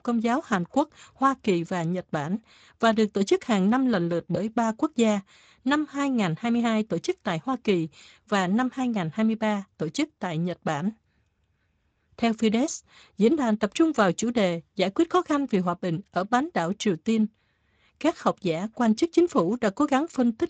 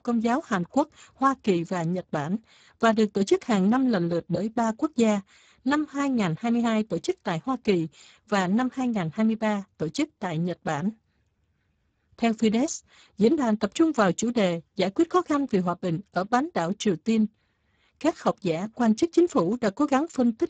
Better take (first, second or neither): first